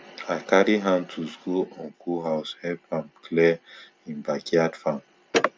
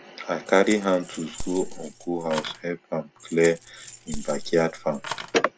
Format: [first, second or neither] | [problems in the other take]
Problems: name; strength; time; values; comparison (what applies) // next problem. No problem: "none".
first | background sound (Keys jangling); 11 dB below the speech